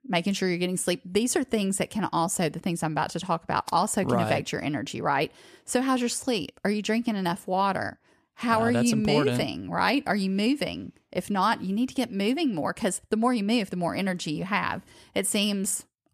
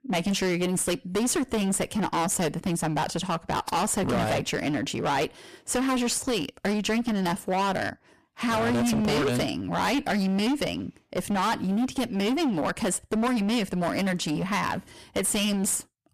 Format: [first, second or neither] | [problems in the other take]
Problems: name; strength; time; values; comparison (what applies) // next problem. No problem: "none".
first | distortion; heavy; 22% of the sound clipped